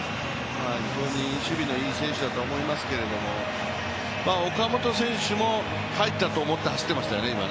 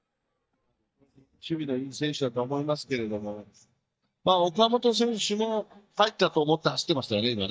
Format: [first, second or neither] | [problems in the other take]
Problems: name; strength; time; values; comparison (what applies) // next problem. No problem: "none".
first | noise reduction (neural mask model DeepFilterNet 3)